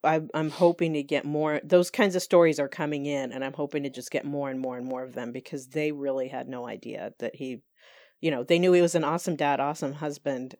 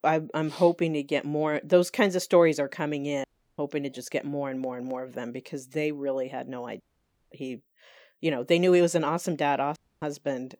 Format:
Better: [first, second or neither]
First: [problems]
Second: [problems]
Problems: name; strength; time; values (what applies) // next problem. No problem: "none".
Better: first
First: none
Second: audio cutting out; at 3 s, at 7 s for 0.5 s and at 10 s